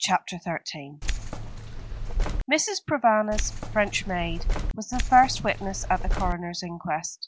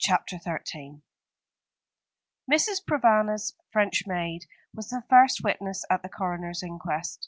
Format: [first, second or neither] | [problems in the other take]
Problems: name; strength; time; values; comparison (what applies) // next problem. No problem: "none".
second | background sound (Keys jangling); 1 dB below the speech